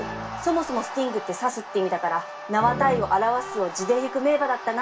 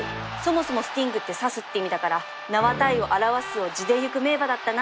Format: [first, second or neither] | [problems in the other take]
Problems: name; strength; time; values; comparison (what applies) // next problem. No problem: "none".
second | room echo; dies away in 0.2 s